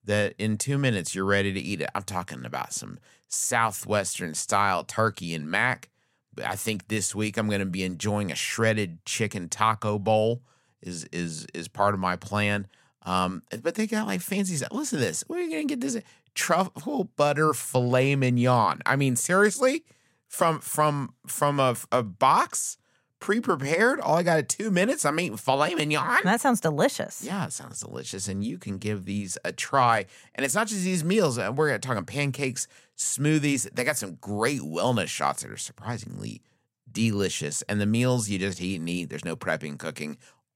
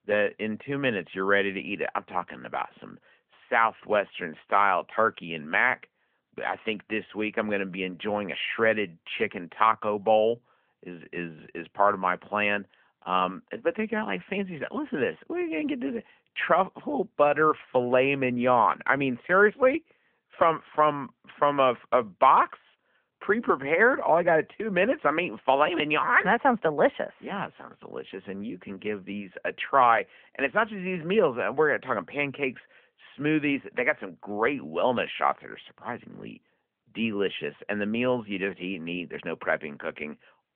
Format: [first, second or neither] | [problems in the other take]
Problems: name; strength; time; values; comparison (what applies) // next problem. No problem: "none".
first | phone-call audio